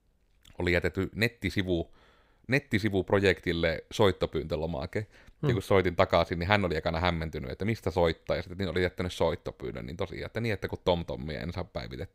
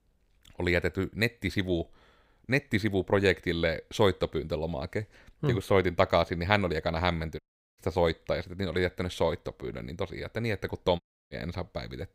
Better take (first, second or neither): first